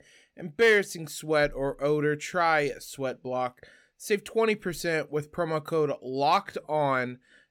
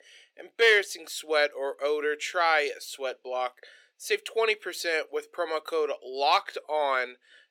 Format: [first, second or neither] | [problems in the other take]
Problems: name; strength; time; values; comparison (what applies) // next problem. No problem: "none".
first | thin; very; fading below 400 Hz